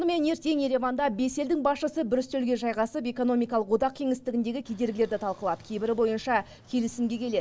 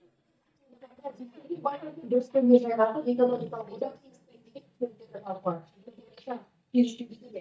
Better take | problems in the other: first | noise reduction (neural mask model DeepFilterNet 3)

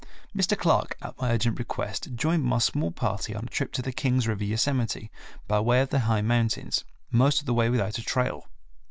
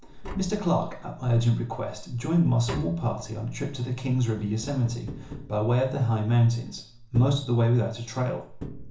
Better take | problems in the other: first | background sound (Tap); 16 dB below the speech // room echo; dies away in 0.7 s

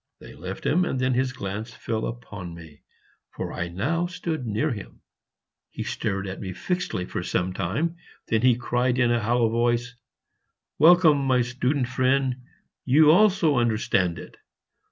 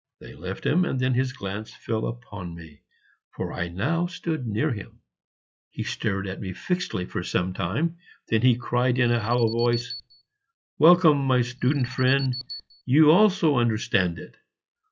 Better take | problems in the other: first | noise reduction (classical method log-MMSE)

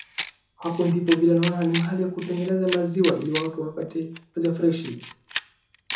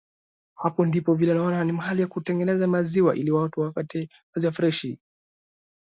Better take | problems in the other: second | background sound (Camera); 12 dB below the speech // room echo; dies away in 0.6 s

